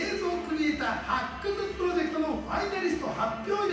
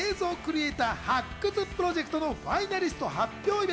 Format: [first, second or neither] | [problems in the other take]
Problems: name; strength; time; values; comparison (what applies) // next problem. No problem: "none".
second | room echo; dies away in 0.9 s